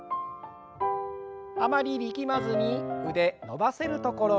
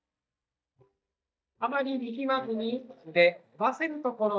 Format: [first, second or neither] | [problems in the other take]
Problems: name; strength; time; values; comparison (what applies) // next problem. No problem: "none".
first | noise reduction (neural mask model DeepFilterNet 3)